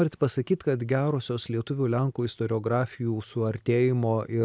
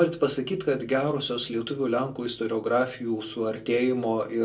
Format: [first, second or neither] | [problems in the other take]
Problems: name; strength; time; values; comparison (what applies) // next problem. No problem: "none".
first | room echo; dies away in 0.2 s